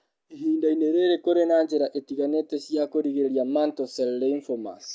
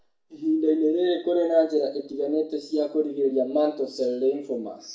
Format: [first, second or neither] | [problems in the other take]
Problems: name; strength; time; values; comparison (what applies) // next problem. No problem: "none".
first | room echo; dies away in 0.4 s